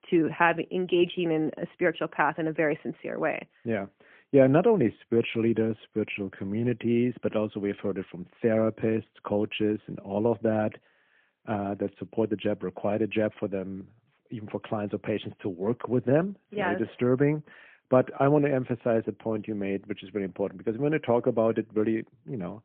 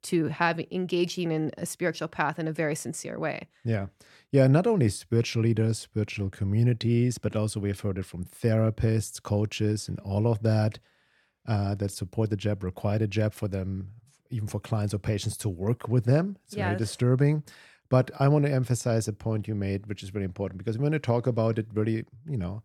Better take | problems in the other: second | phone-call audio; poor line; nothing above 3.5 kHz

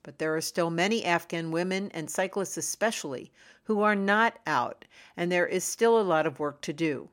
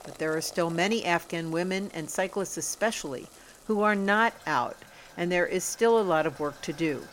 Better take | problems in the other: first | household noises; faint; throughout; 20 dB below the speech

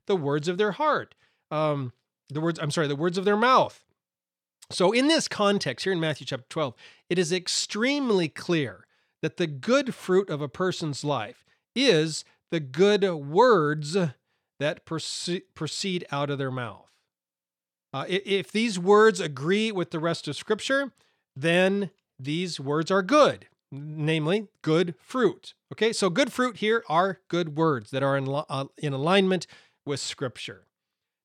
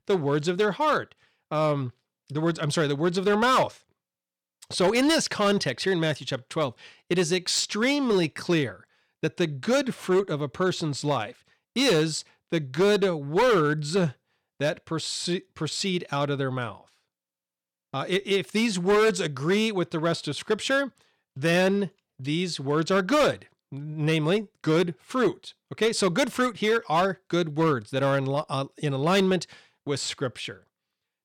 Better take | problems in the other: first | distortion; slight; 5% of the sound clipped

